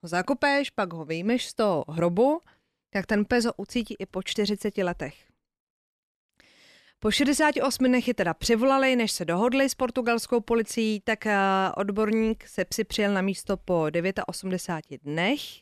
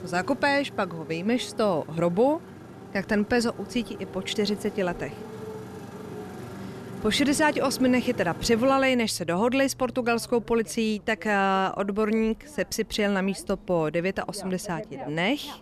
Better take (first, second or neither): first